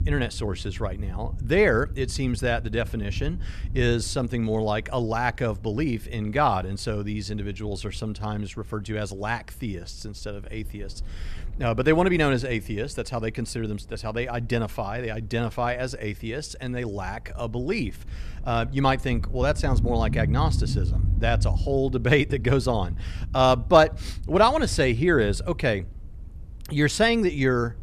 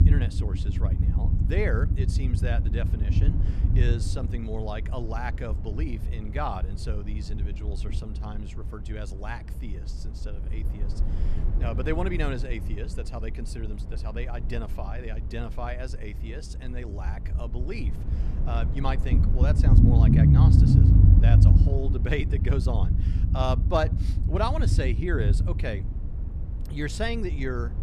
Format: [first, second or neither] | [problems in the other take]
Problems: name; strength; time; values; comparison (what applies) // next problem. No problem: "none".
first | low rumble; loud; throughout; 3 dB below the speech; faint in the first